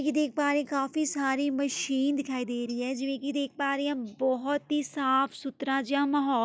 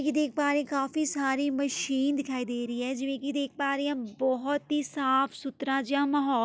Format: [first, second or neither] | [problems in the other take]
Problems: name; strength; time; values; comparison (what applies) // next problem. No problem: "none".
second | noise reduction (neural mask model DeepFilterNet 3)